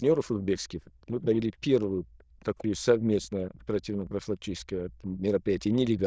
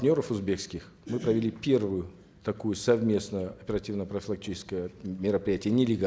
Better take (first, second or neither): second